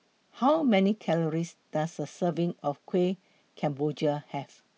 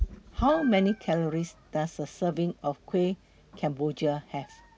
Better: first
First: none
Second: background sound (Meow); 12 dB below the speech

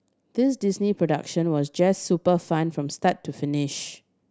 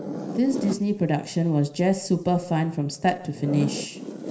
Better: first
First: none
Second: background sound (Zipper (clothing)); 10 dB below the speech // room echo; dies away in 1.4 s

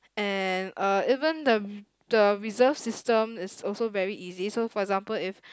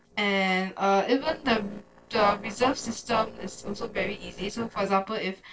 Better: first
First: none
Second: noise reduction (neural separator model SepFormer DNS4)

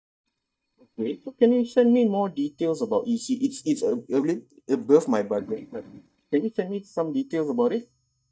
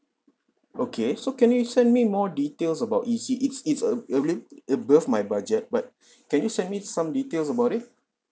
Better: second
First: noise reduction (neural mask model DeepFilterNet 3)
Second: none

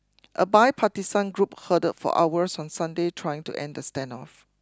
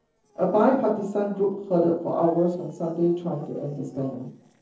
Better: first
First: none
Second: noise reduction (neural separator model SepFormer DNS4)

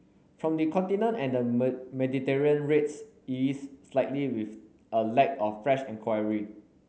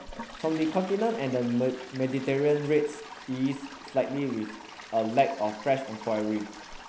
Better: first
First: none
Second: background sound (Toilet flush); 15 dB below the speech

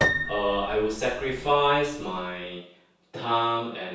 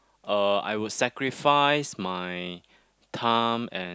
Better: second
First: background sound (Piano); 5 dB below the speech // room echo; dies away in 0.6 s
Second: none

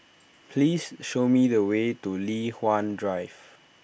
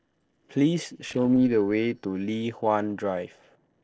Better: first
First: none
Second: noise reduction (neural separator model SepFormer DNS4)

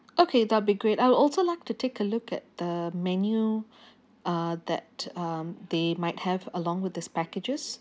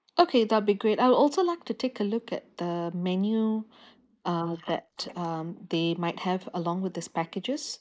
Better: first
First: none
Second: noise reduction (neural mask model Resemble Enhance denoiser)

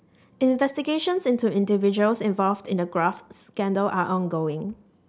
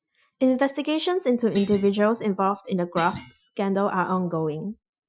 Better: first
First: none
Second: noise reduction (classical method Wiener filter)

